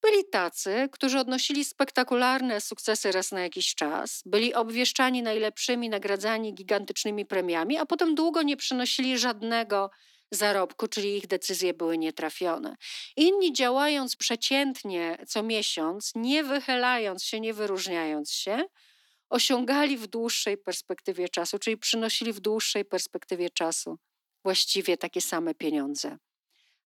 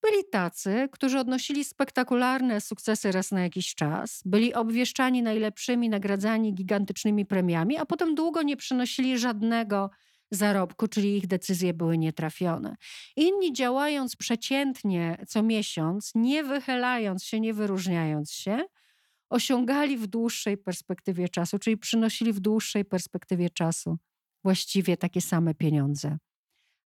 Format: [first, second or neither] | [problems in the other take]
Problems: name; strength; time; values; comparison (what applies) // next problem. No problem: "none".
second | thin; somewhat; fading below 250 Hz